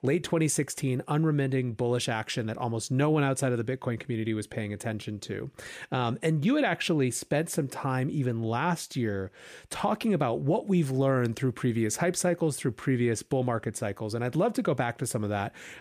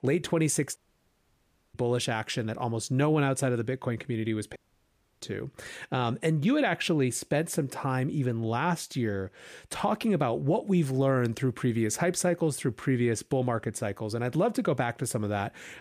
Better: first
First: none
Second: audio cutting out; at 1 s for 1 s and at 4.5 s for 0.5 s

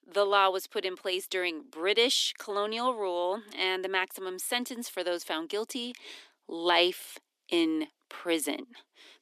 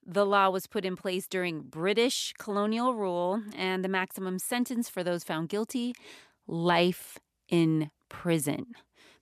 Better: second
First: thin; somewhat; fading below 300 Hz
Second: none

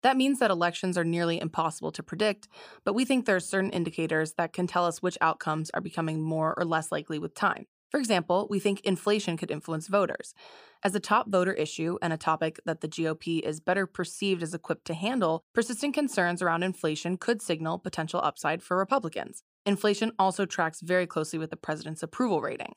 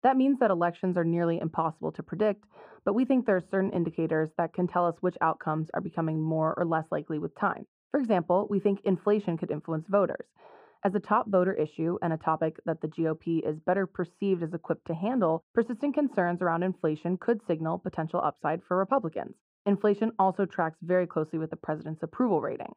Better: first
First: none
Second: muffled; very; fading above 3 kHz

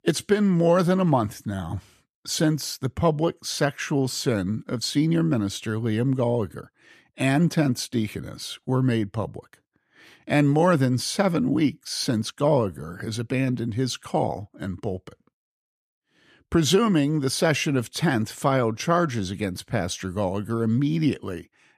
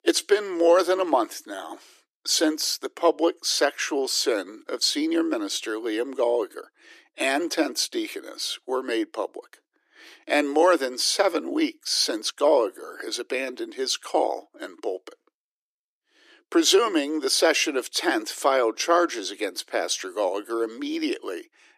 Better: first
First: none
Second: thin; very; fading below 300 Hz

